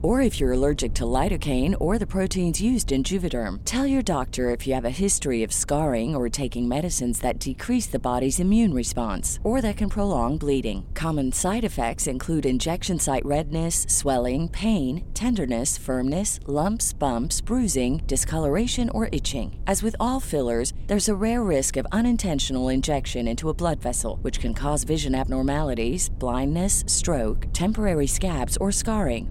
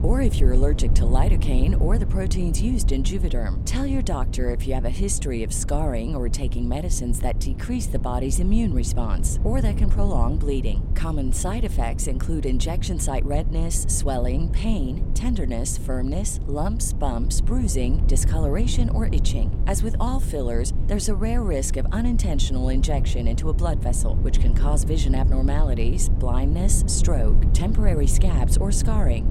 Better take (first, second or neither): first